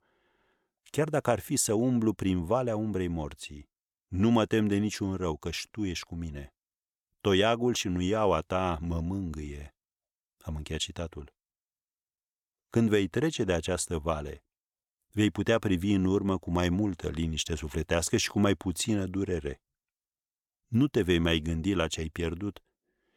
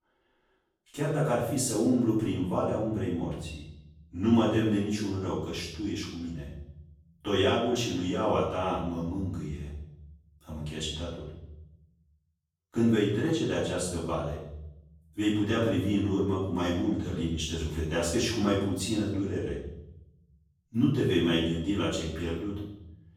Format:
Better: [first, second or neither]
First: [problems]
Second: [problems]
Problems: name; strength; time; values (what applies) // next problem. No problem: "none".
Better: first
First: none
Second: off-mic speech; far // room echo; noticeable; dies away in 0.8 s